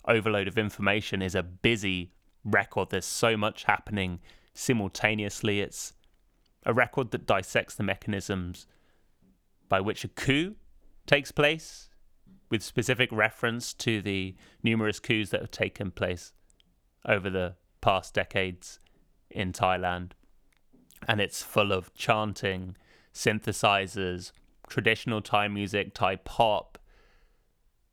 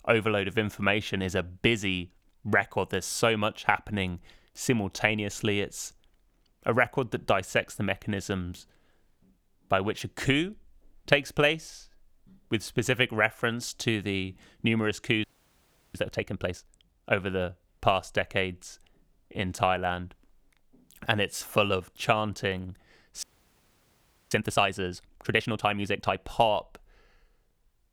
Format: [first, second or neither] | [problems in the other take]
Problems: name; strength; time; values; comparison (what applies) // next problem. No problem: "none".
first | audio freezing; at 15 s for 0.5 s and at 23 s for 1 s